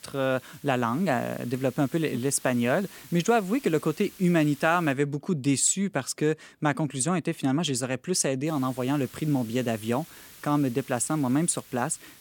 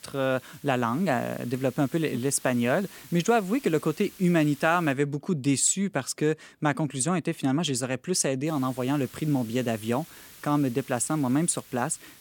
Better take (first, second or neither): neither